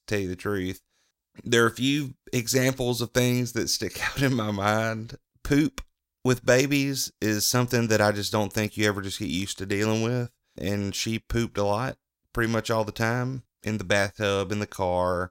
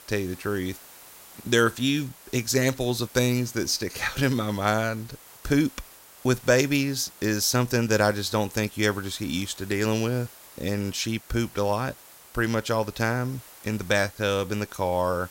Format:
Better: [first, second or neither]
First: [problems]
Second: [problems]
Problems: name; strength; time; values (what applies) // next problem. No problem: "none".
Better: first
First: none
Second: hiss; faint; throughout; 20 dB below the speech